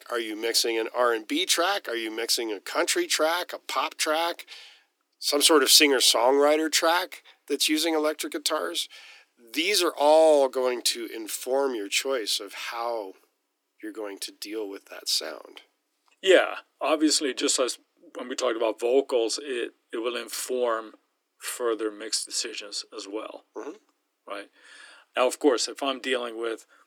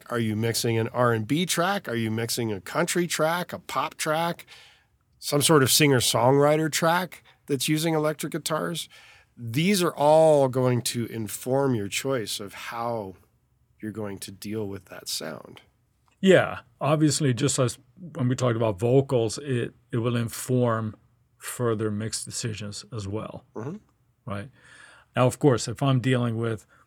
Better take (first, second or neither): second